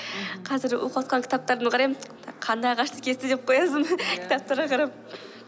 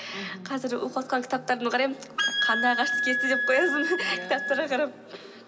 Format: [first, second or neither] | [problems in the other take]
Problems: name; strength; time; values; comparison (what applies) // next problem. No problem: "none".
first | background sound (Wind instrument, woodwind instrument); as loud as the speech // room echo; dies away in 1.4 s